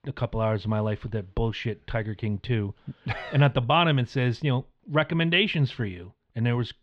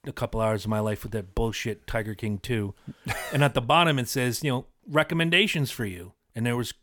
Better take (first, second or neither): second